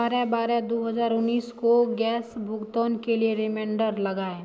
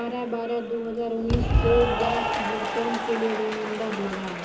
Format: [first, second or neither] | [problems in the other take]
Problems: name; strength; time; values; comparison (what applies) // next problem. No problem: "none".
first | background sound (Applause / Cheering); 1 dB below the speech // room echo; dies away in 0.2 s